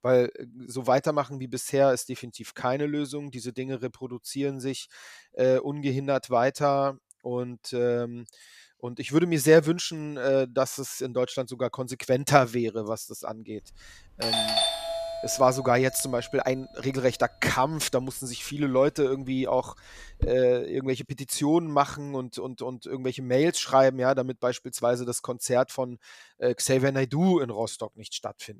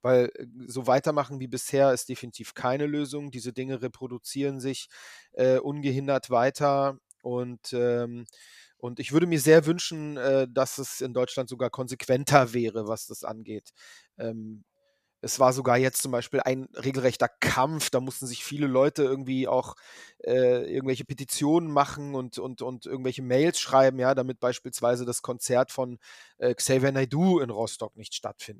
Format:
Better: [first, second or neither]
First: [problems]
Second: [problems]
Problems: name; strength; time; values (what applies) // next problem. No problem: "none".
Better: second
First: doorbell; loud; from 14 to 20 s; peak 4 dB above the speech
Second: none